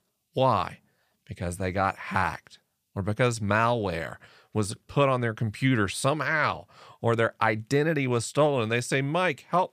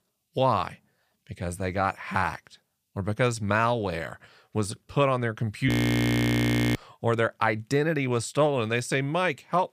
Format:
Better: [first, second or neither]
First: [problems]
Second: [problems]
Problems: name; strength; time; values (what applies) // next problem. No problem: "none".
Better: first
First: none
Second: audio freezing; at 5.5 s for 1 s